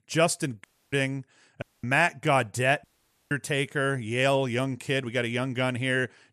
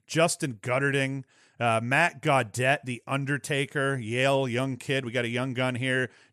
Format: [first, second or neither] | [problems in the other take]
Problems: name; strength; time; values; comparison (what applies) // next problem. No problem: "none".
second | audio cutting out; at 0.5 s, at 1.5 s and at 3 s